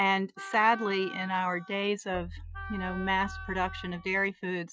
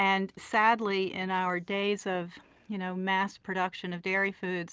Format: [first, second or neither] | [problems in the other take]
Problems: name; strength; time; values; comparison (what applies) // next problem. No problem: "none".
second | noise reduction (classical method Wiener filter)